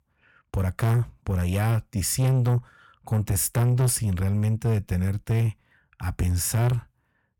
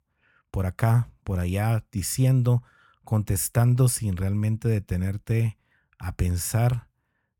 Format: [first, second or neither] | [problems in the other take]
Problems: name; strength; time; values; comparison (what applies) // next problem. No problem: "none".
second | distortion; slight; 10 dB below the speech